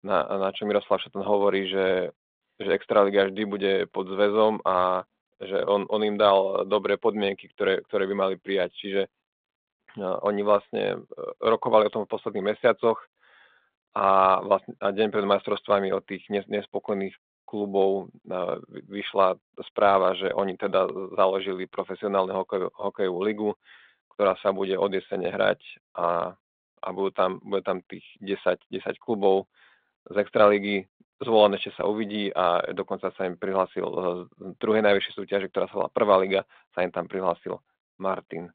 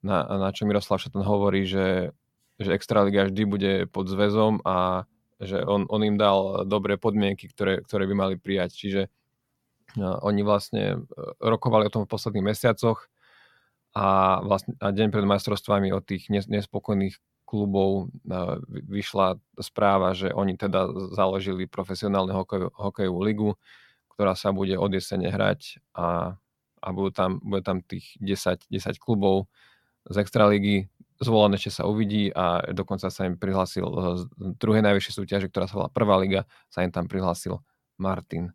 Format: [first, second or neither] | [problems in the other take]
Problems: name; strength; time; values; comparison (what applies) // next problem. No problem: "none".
second | phone-call audio; nothing above 3.5 kHz